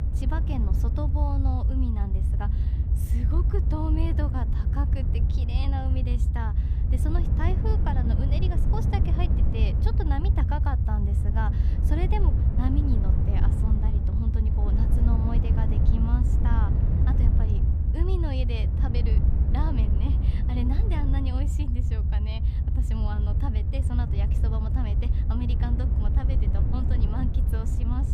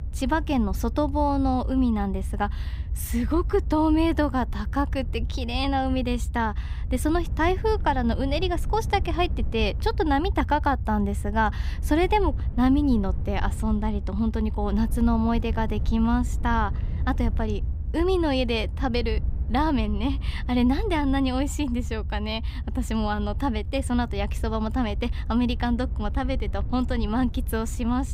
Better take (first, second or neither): second